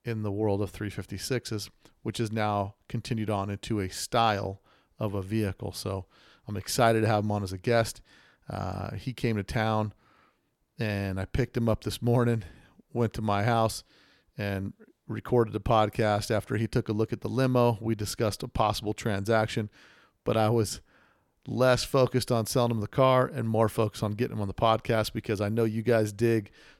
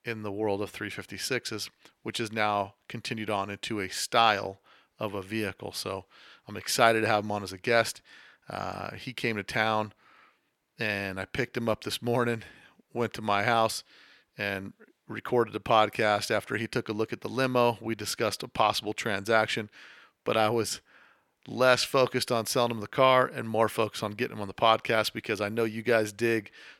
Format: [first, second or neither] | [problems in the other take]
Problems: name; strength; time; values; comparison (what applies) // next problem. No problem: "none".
first | thin; somewhat; fading below 350 Hz